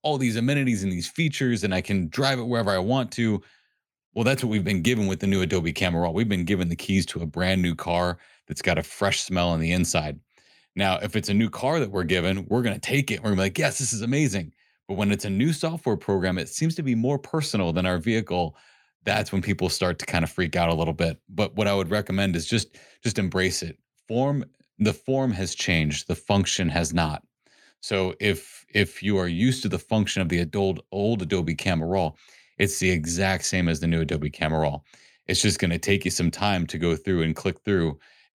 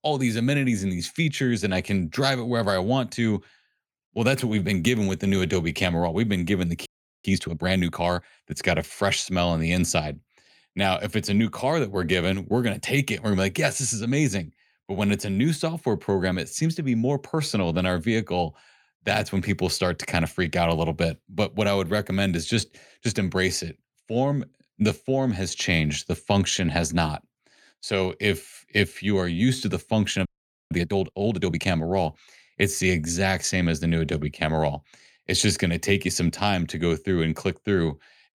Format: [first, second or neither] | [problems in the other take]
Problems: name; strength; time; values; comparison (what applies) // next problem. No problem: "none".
first | audio freezing; at 7 s and at 30 s